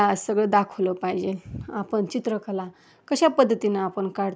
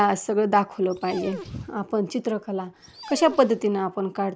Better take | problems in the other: first | background sound (Dog); 18 dB below the speech

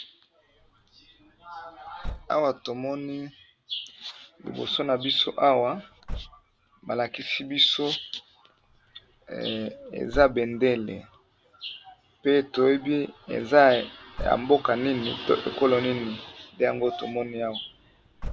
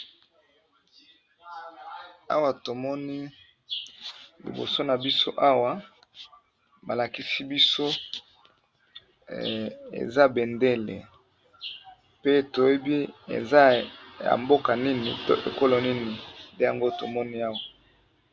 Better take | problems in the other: second | background sound (Slam / Car); 17 dB below the speech

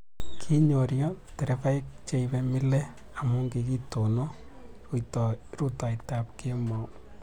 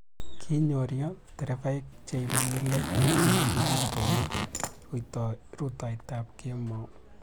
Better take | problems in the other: first | background sound (Zipper (clothing)); 3 dB above the speech

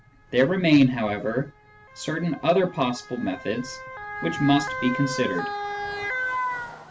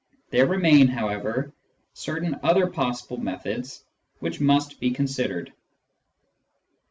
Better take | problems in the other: second | background sound (Motor vehicle (road) / Siren); 8 dB below the speech

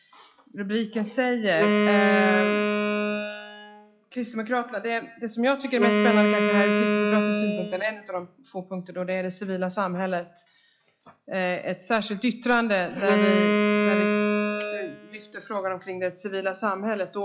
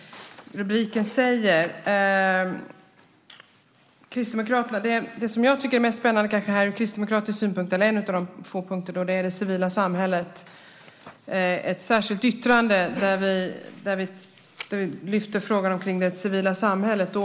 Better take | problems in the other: second | noise reduction (classical method log-MMSE)

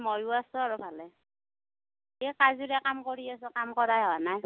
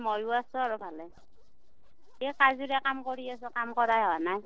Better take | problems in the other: first | noise reduction (neural separator model SepFormer DNS4)

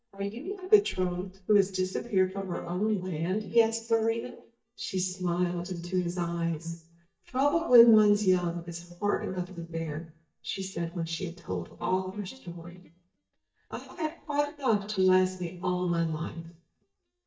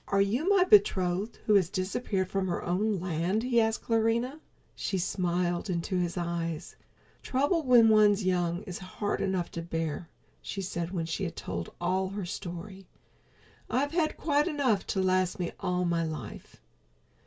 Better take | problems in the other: second | noise reduction (neural mask model DeepFilterNet 3)

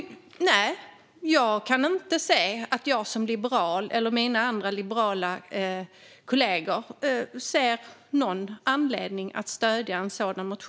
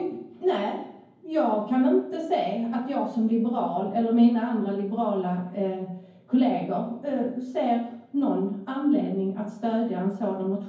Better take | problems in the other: first | room echo; dies away in 0.9 s

